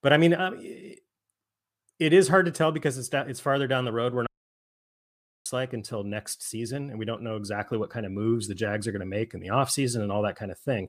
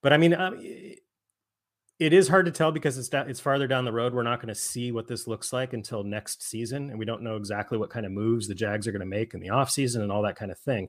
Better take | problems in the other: second | audio cutting out; at 4.5 s for 1 s

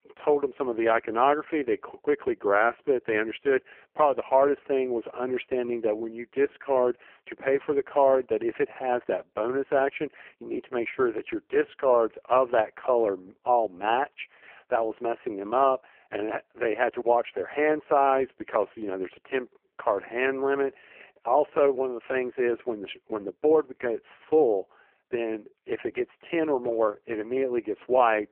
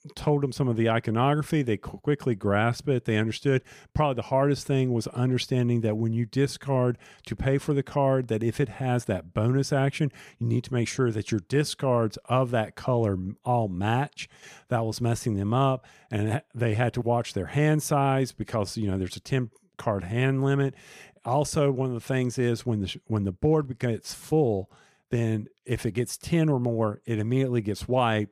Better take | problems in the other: second | phone-call audio; poor line

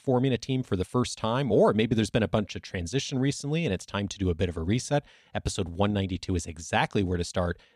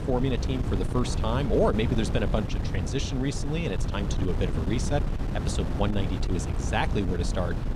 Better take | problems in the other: first | wind noise on the microphone; heavy; 7 dB below the speech

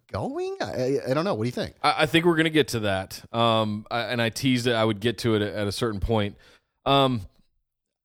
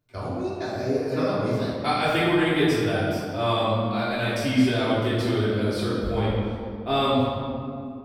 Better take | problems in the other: first | off-mic speech; far // room echo; strong; dies away in 2.2 s

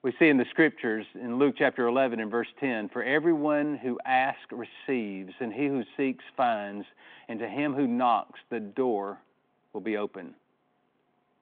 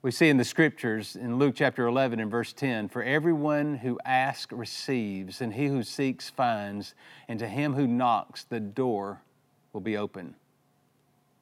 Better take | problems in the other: second | phone-call audio

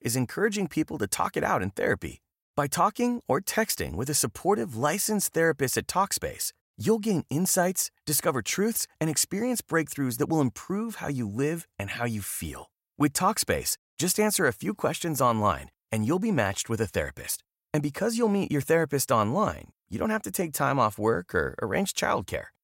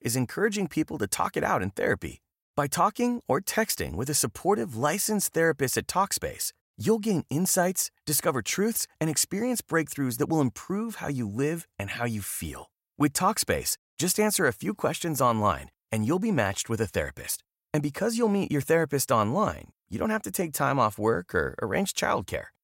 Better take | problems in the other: neither | none

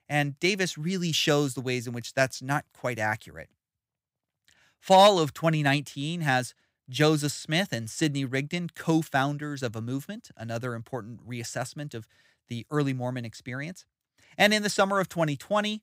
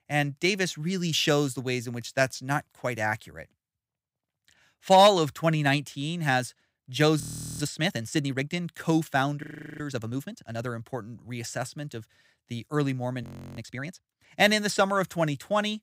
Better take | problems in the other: first | audio freezing; at 7 s, at 9.5 s and at 13 s

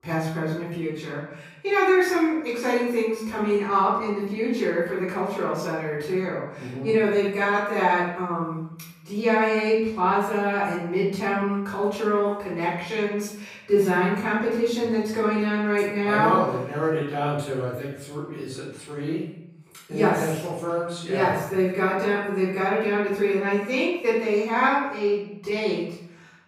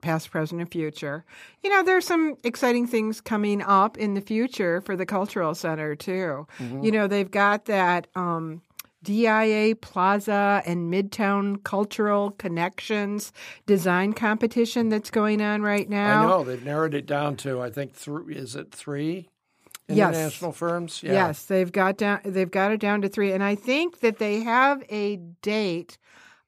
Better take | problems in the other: second | off-mic speech; far // room echo; noticeable; dies away in 0.7 s

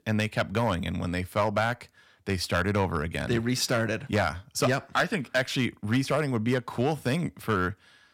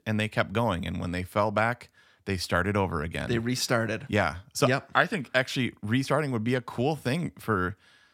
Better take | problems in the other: second | distortion; slight; 3% of the sound clipped

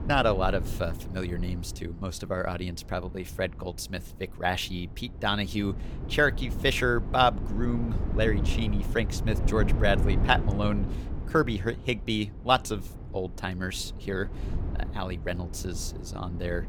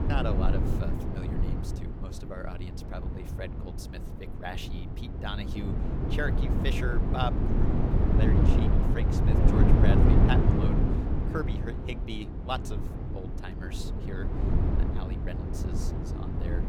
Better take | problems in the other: first | wind noise on the microphone; heavy; 2 dB above the speech; occasional gusts in the first

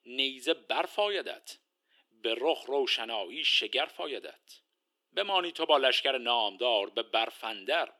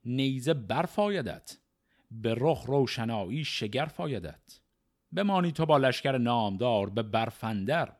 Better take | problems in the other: second | thin; very; fading below 350 Hz

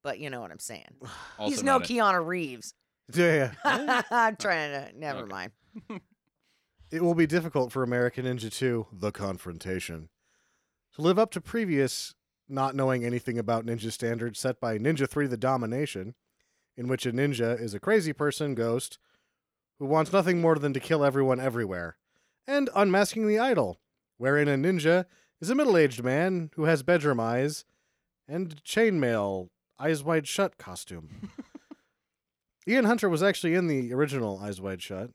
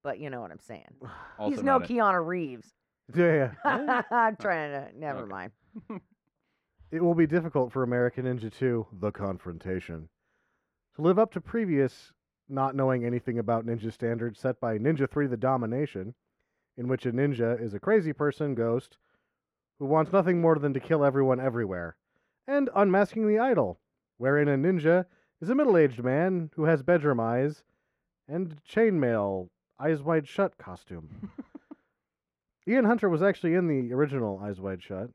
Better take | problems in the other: first | muffled; very; fading above 3 kHz

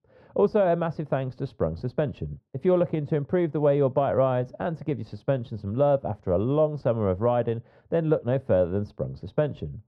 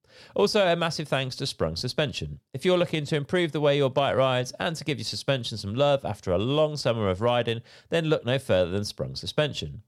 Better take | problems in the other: second | muffled; very; fading above 2.5 kHz

